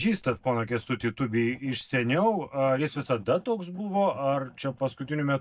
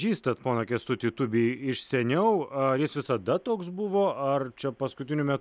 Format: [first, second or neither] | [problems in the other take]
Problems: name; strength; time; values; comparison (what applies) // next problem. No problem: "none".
second | noise reduction (neural mask model DeepFilterNet 3)